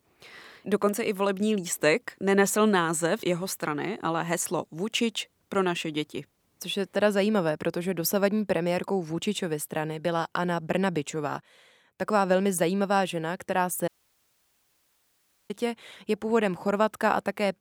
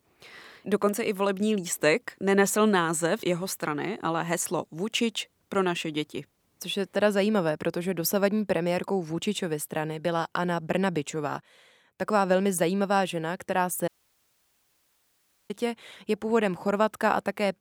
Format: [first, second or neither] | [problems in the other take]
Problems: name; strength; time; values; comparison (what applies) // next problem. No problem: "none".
neither | audio cutting out; at 14 s for 1.5 s; the same in both